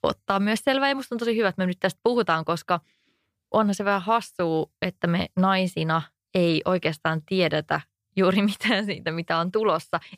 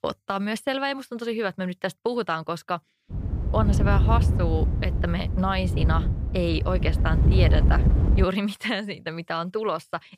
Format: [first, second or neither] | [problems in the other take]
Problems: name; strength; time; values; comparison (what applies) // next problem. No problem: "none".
first | wind noise on the microphone; heavy; from 3 to 8 s; 8 dB below the speech